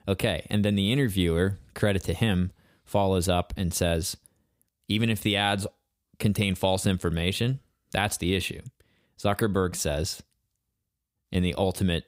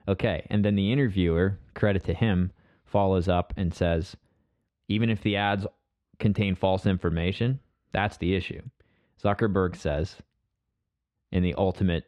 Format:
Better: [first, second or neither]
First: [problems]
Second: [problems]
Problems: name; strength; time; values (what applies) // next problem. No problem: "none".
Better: first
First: none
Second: muffled; very; fading above 2.5 kHz